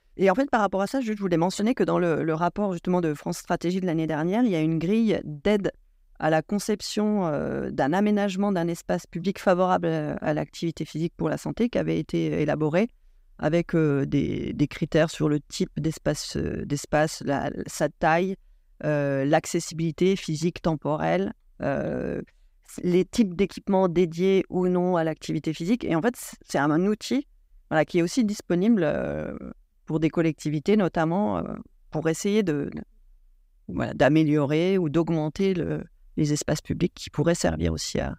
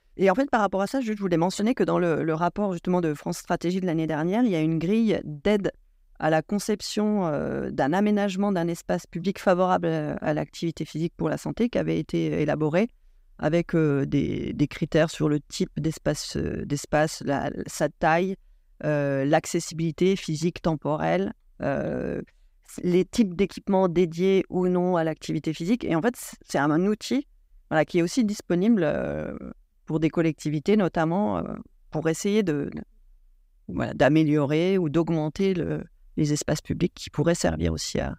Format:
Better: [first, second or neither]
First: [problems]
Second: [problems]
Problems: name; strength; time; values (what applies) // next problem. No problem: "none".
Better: neither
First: none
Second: none